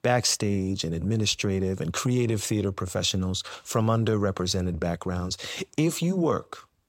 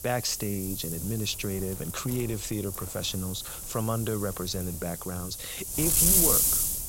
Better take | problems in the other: first | wind noise on the microphone; heavy; 3 dB above the speech

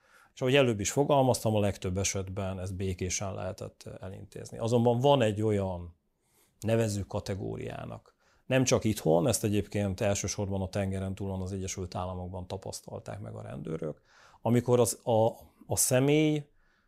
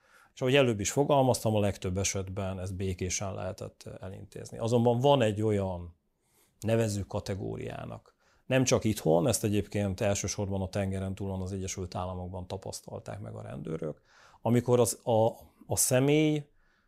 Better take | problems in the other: neither | none

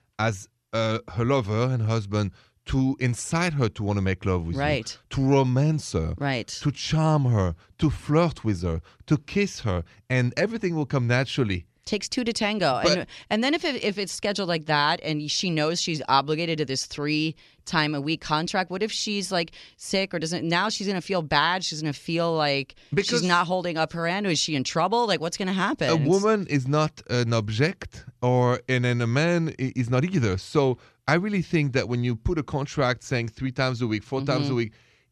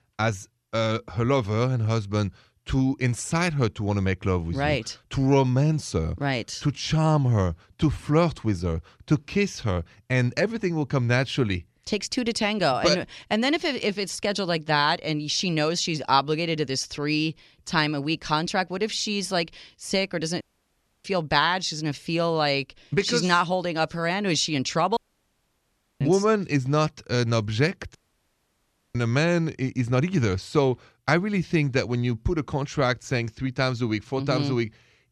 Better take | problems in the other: first | audio cutting out; at 20 s for 0.5 s, at 25 s for 1 s and at 28 s for 1 s

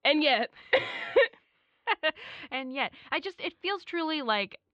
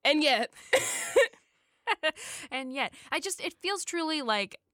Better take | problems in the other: second | muffled; very slightly; fading above 4 kHz

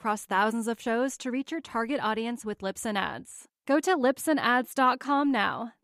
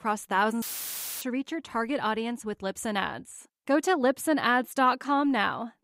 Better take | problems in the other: first | audio cutting out; filled with static; at 0.5 s for 0.5 s

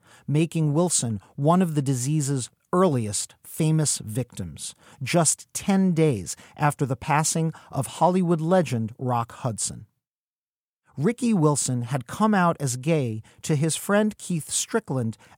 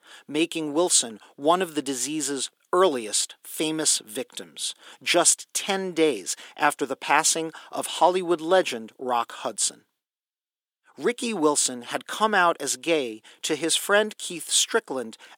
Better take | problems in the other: first | thin; somewhat; fading below 300 Hz

